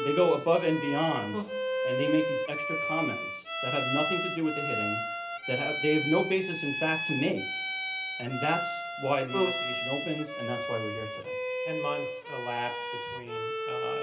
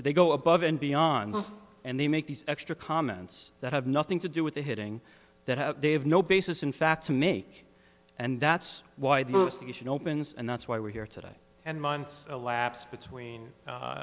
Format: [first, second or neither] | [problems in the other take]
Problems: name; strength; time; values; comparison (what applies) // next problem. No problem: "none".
second | background sound (Bowed string instrument); 2 dB below the speech // room echo; dies away in 0.3 s